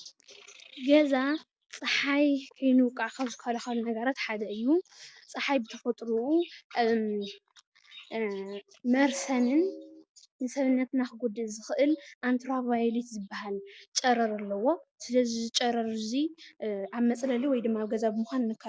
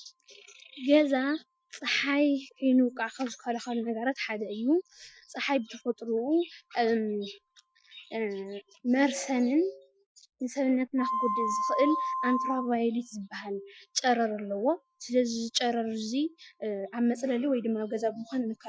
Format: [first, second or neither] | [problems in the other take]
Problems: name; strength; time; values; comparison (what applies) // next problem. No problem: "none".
first | noise reduction (classical method Wiener filter)